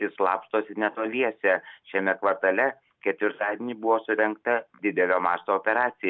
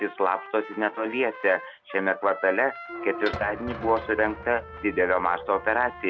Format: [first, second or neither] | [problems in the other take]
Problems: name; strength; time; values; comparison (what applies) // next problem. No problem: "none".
first | background sound (Squeak / Thump, thud + Trumpet); 13 dB below the speech